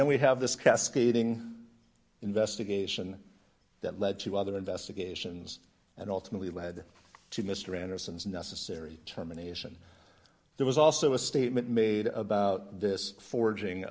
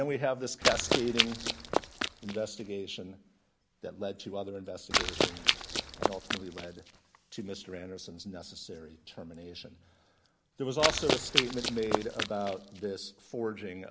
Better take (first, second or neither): first